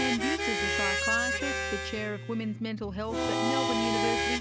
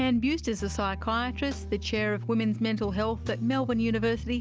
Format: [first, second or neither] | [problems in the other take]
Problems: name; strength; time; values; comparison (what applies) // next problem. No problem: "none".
second | background sound (Harmonica); 3 dB above the speech